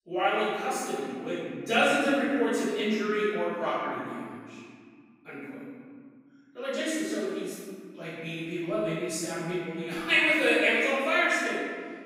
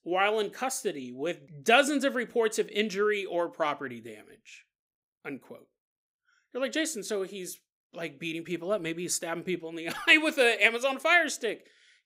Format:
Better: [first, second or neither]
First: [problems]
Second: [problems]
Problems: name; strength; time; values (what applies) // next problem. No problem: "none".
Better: second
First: off-mic speech; far // room echo; strong; dies away in 2.1 s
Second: none